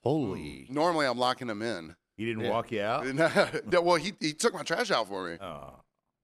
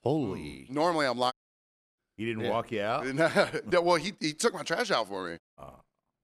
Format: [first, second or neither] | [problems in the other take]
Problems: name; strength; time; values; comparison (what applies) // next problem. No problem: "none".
first | audio cutting out; at 1.5 s for 0.5 s and at 5.5 s